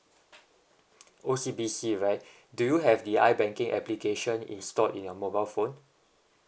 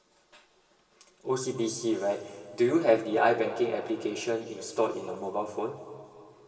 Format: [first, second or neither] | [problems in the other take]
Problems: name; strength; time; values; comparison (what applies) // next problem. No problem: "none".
first | room echo; dies away in 2.6 s